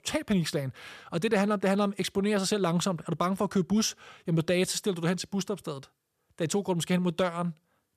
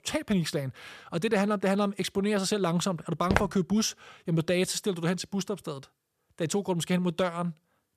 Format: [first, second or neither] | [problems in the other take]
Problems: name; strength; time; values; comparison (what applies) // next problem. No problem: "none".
first | footsteps; noticeable; at 3.5 s; peak 1 dB below the speech